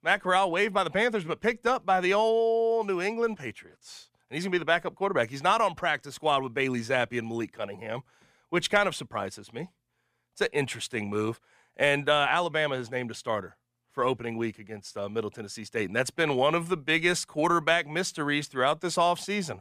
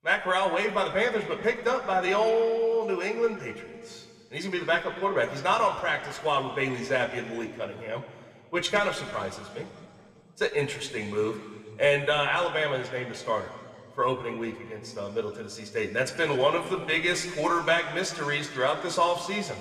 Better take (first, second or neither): first